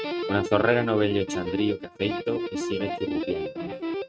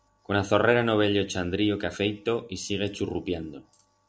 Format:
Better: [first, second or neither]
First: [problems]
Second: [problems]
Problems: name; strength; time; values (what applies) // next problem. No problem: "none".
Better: second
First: noise reduction (neural mask model RNNoise)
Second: none